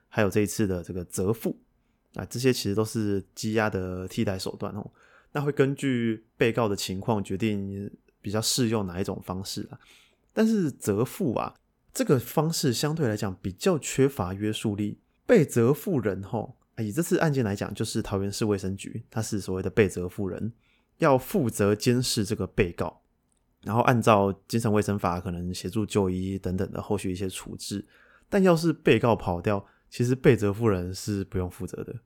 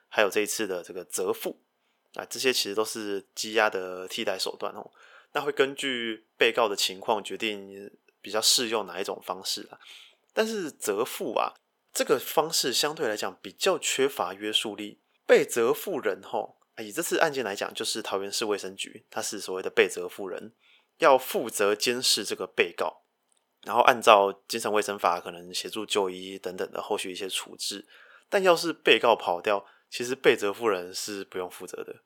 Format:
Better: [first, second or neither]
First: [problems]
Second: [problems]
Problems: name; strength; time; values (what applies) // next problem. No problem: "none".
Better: first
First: none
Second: thin; very; fading below 600 Hz